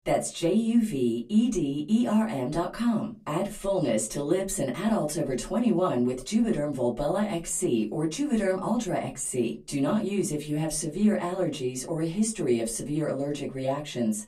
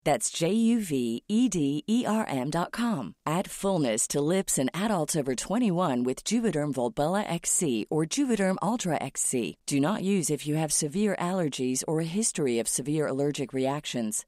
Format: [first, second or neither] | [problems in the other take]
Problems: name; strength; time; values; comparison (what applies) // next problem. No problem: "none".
second | off-mic speech; far // room echo; very slight; dies away in 0.2 s